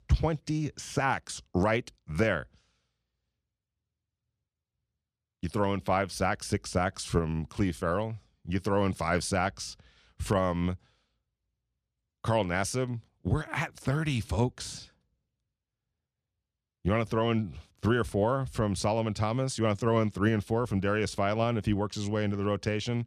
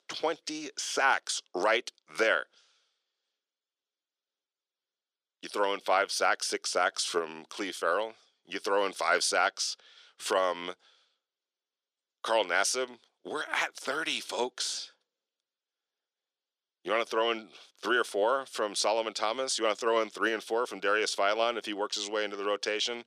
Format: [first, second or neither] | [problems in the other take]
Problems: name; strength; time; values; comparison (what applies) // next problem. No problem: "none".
first | thin; very; fading below 350 Hz